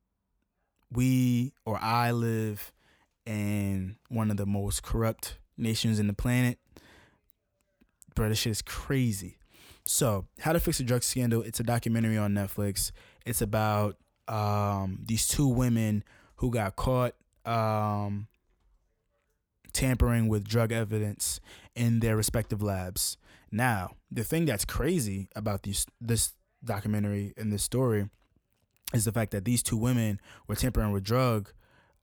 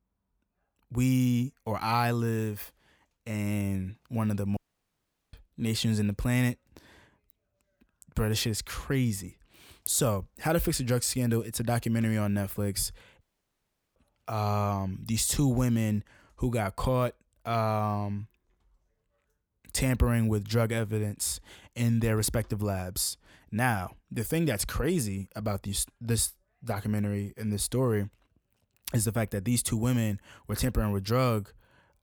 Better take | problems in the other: first | audio cutting out; at 4.5 s for 1 s and at 13 s for 1 s

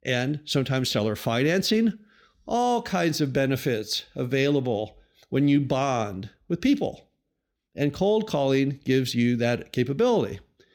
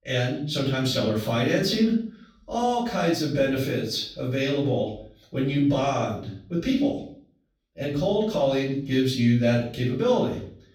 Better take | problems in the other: first | room echo; noticeable; dies away in 0.5 s // off-mic speech; far

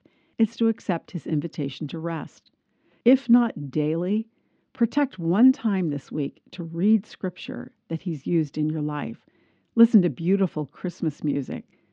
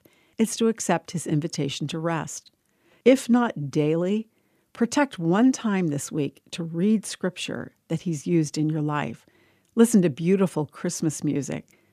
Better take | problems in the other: second | muffled; slightly; fading above 4.5 kHz

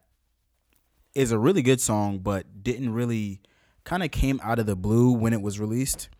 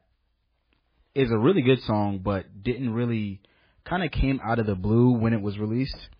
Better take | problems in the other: first | garbled, watery; badly

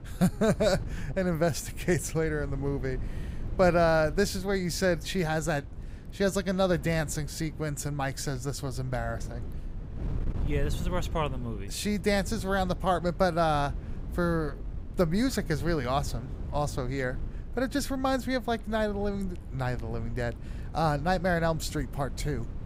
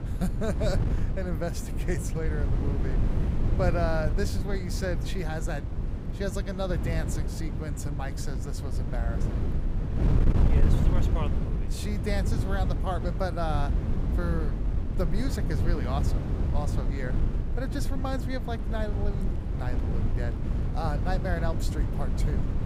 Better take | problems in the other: first | wind noise on the microphone; heavy; 5 dB below the speech; occasional gusts in the first

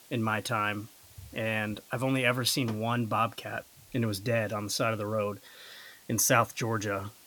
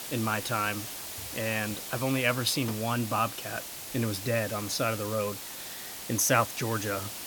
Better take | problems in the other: first | hiss; loud; throughout; 7 dB below the speech; faint in the first

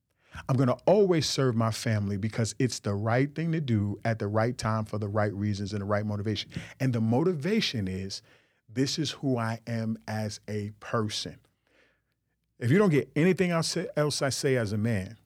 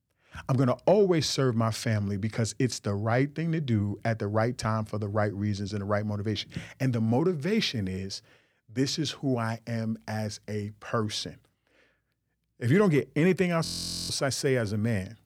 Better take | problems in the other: first | audio freezing; at 14 s

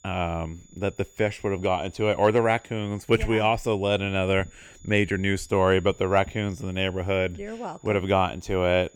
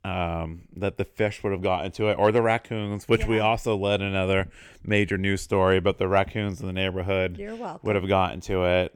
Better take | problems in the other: second | high-pitched whine; faint; throughout; 7 kHz, 30 dB below the speech

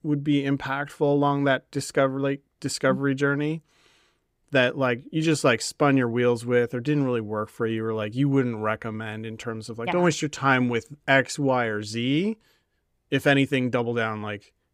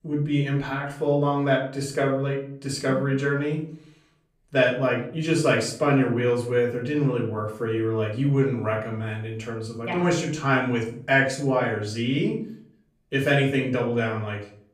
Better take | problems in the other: first | off-mic speech; far // room echo; slight; dies away in 0.4 s

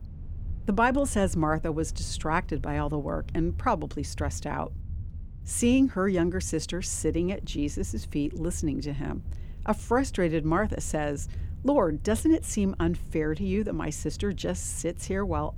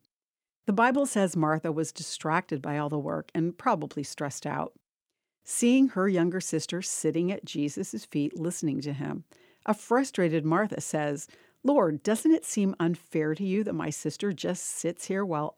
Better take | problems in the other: second | low rumble; faint; throughout; 25 dB below the speech

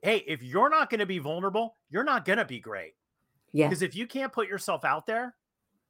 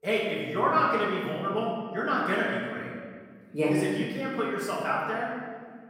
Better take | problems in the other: first | room echo; noticeable; dies away in 1.7 s // off-mic speech; far

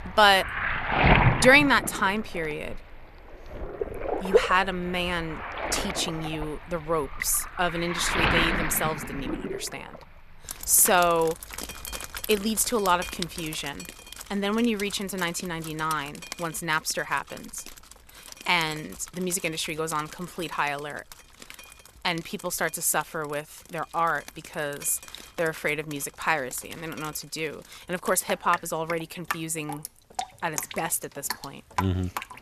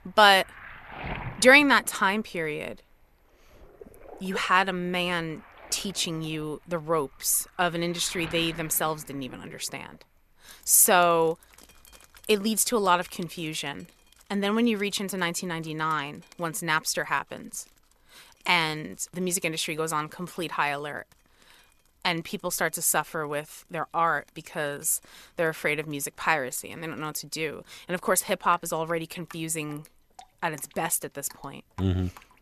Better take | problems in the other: second | rain or running water; loud; throughout; 5 dB below the speech; faint in the second

